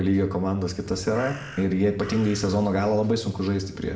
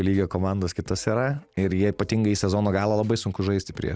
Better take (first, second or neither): second